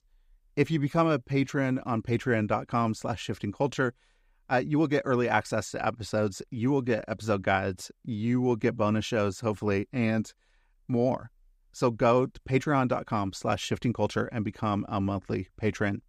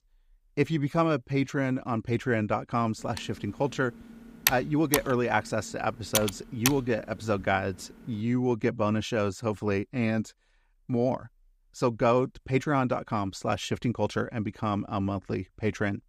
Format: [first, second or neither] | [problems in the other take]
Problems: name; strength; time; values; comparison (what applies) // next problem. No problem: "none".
first | keyboard typing; loud; from 3 to 6.5 s; peak 2 dB above the speech